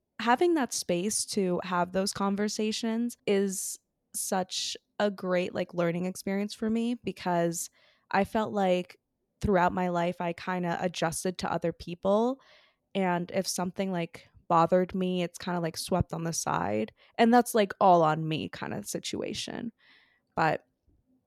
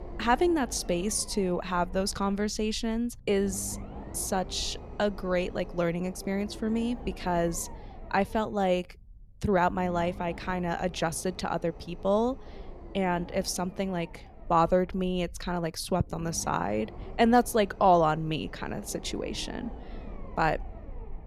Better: first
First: none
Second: low rumble; noticeable; throughout; 20 dB below the speech

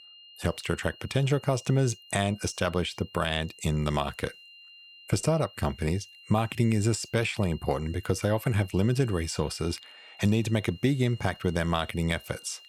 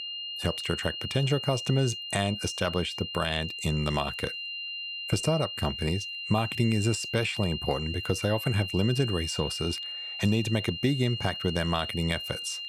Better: first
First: high-pitched whine; faint; throughout; 3 kHz, 20 dB below the speech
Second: high-pitched whine; loud; throughout; 3 kHz, 5 dB below the speech

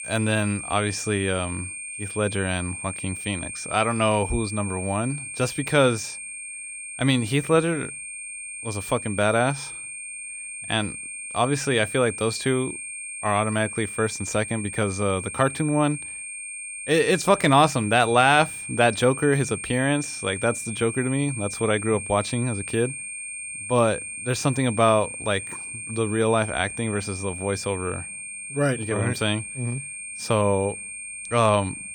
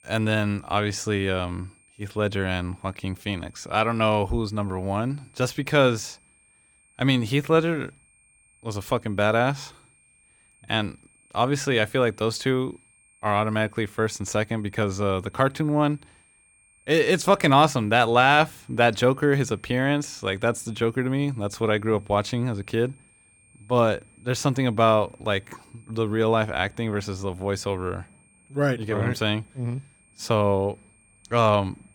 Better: second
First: high-pitched whine; loud; throughout; 2.5 kHz, 8 dB below the speech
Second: high-pitched whine; faint; throughout; 2.5 kHz, 35 dB below the speech

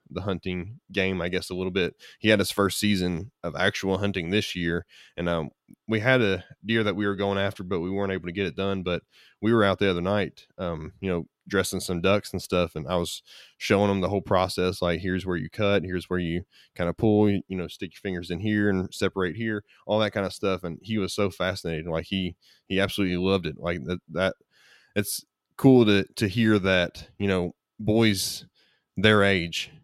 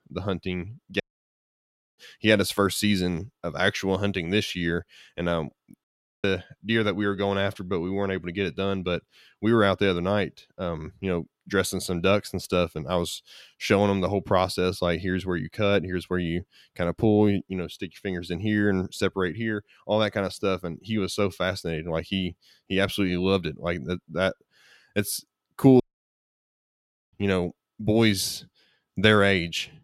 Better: first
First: none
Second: audio cutting out; at 1 s for 1 s, at 6 s and at 26 s for 1.5 s

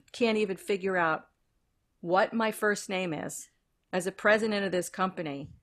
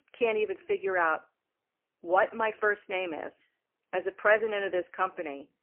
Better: first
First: none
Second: phone-call audio; poor line; nothing above 3 kHz

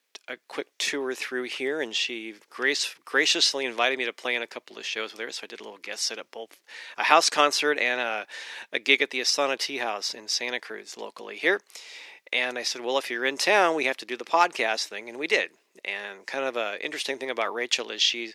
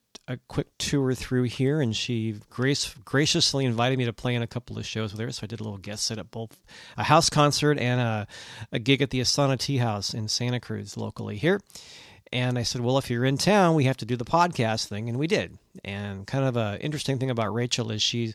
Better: second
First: thin; very; fading below 350 Hz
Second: none

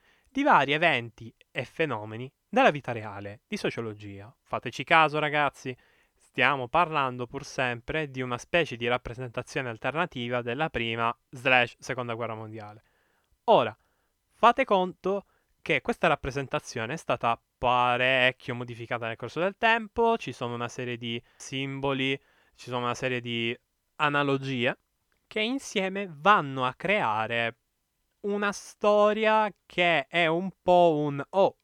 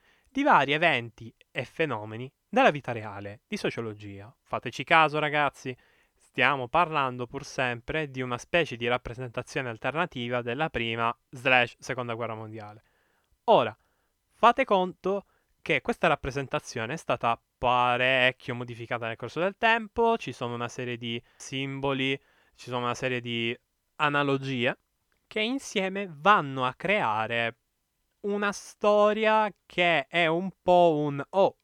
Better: neither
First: none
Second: none

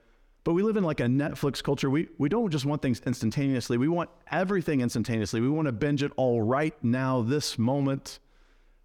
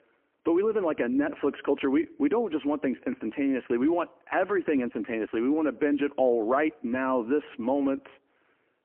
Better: first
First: none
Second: phone-call audio; poor line

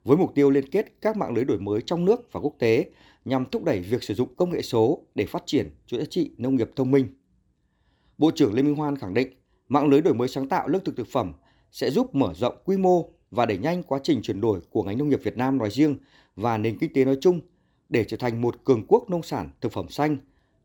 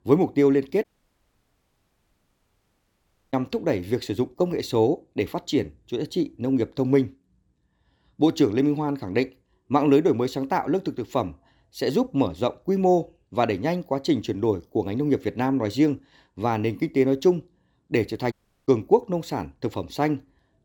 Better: first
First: none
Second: audio cutting out; at 1 s for 2.5 s and at 18 s

